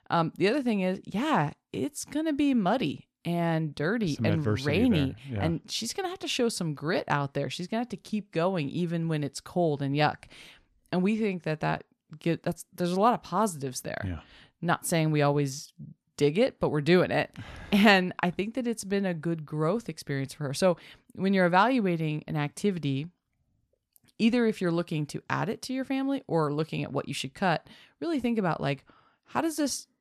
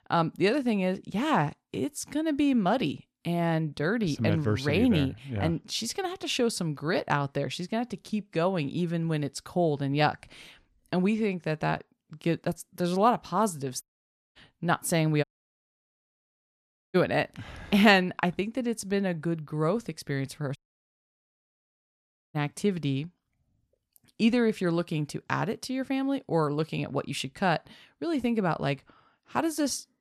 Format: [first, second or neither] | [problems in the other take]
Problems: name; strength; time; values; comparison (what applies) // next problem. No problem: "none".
first | audio cutting out; at 14 s for 0.5 s, at 15 s for 1.5 s and at 21 s for 2 s